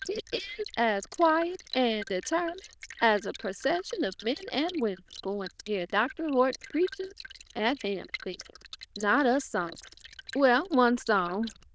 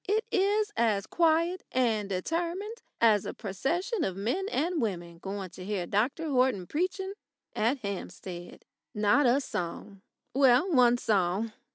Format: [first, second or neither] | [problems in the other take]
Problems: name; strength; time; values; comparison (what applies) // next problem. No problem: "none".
second | noise reduction (neural diffusion model UNIVERSE++)